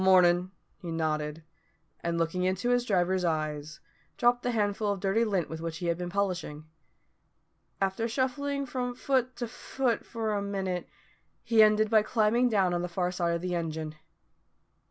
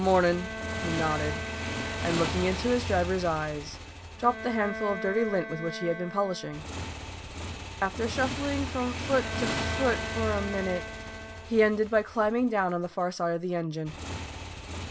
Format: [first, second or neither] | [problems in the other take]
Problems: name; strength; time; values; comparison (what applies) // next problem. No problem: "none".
first | background sound (Bowed string instrument + Motorcycle / Engine); 6 dB below the speech